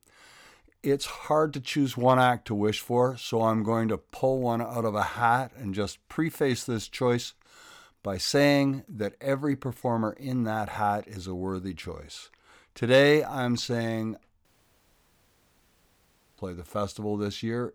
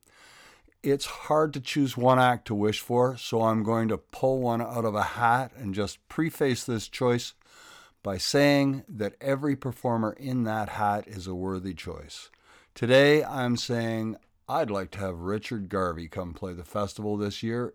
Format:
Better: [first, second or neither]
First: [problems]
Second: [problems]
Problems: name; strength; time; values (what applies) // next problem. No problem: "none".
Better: second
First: audio cutting out; at 14 s for 2 s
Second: none